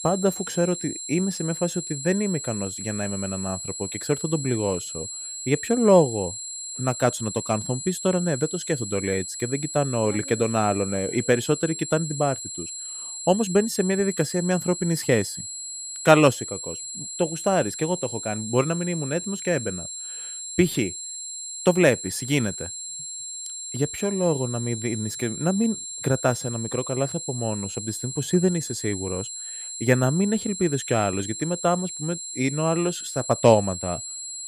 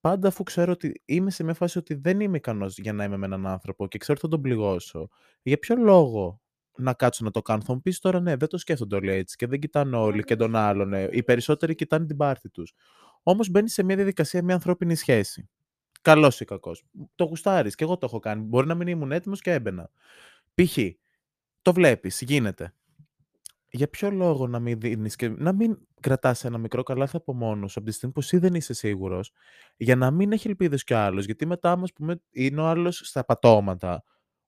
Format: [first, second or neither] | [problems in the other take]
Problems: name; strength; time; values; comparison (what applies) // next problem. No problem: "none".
second | high-pitched whine; loud; throughout; 7.5 kHz, 7 dB below the speech